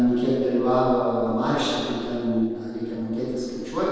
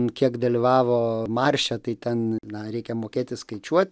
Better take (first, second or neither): second